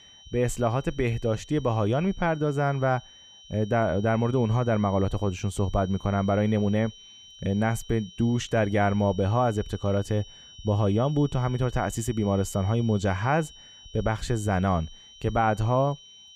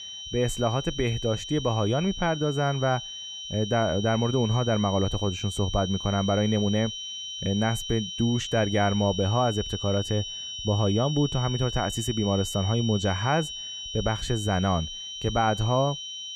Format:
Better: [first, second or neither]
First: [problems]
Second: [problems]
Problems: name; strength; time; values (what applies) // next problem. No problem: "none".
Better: first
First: high-pitched whine; faint; throughout; 3 kHz, 20 dB below the speech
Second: high-pitched whine; loud; throughout; 3 kHz, 7 dB below the speech